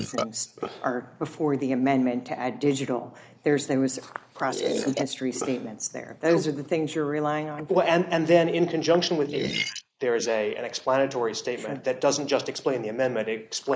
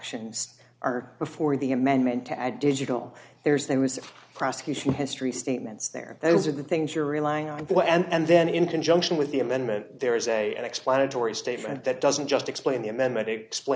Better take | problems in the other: second | noise reduction (neural mask model Resemble Enhance denoiser)

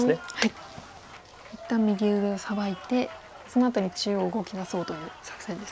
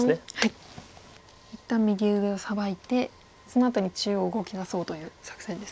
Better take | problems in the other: second | background sound (Applause); 17 dB below the speech

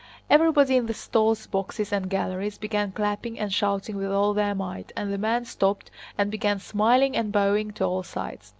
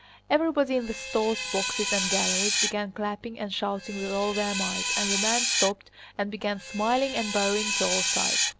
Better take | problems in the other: first | background sound (Screech); 1 dB below the speech

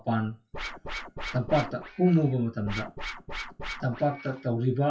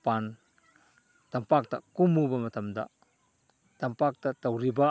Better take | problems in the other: second | noise reduction (classical method WPE with log-MMSE)

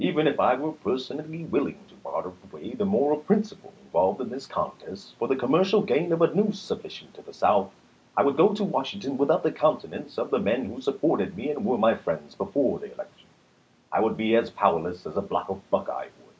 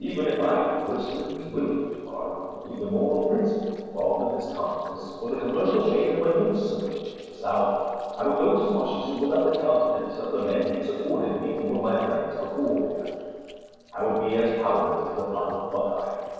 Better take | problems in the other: first | noise reduction (neural separator model SepFormer DNS4)

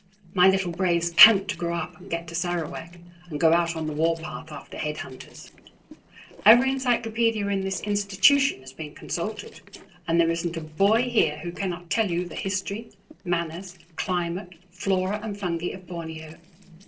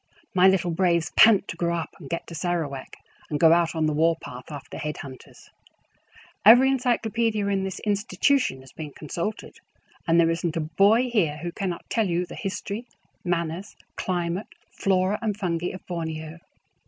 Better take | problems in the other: second | noise reduction (neural separator model SepFormer DNS4)

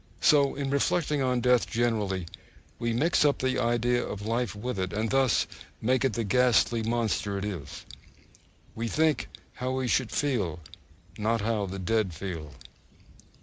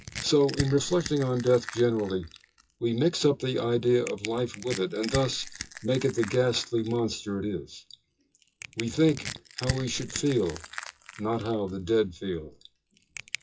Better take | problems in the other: first | noise reduction (classical method WPE with log-MMSE)

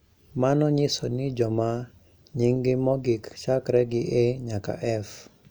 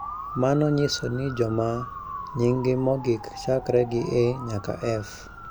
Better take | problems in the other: first | background sound (Motor vehicle (road) / Siren); 13 dB below the speech

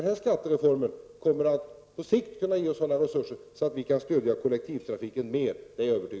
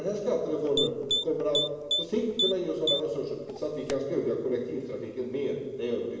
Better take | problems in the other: first | background sound (Typing); 3 dB below the speech // room echo; dies away in 1.3 s

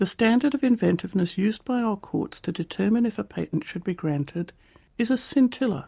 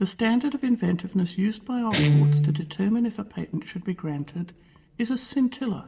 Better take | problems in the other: first | background sound (Guitar); 2 dB below the speech // room echo; dies away in 1.3 s

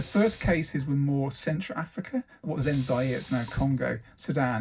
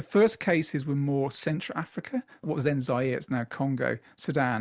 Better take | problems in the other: second | background sound (Sink (filling or washing)); 14 dB below the speech // room echo; dies away in 0.4 s

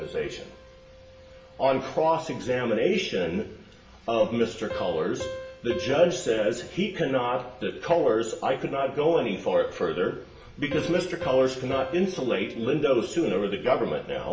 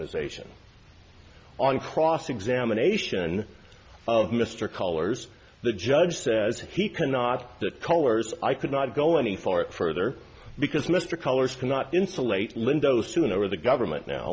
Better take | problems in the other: second | background sound (Piano); 16 dB below the speech // room echo; dies away in 1 s

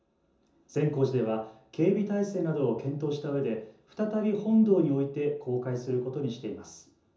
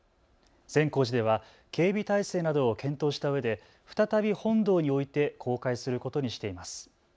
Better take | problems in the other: second | room echo; dies away in 0.6 s

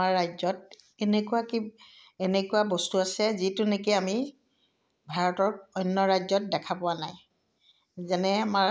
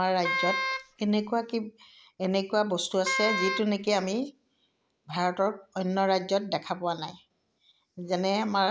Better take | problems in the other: first | background sound (Wind instrument, woodwind instrument); 3 dB below the speech

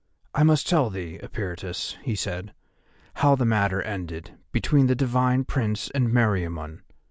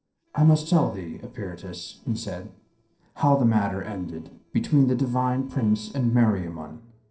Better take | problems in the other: first | noise reduction (neural separator model SepFormer DNS4)

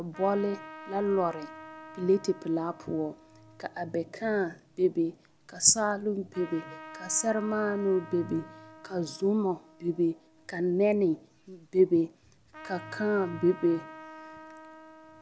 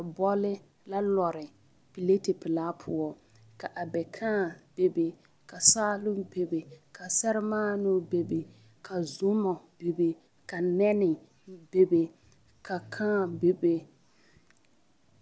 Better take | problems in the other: second | background sound (Trumpet); 19 dB below the speech

